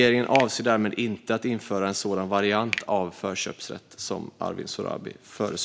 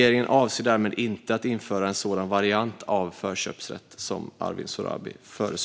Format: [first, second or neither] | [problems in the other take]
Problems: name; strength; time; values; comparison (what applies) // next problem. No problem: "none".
second | background sound (Finger snapping); 14 dB below the speech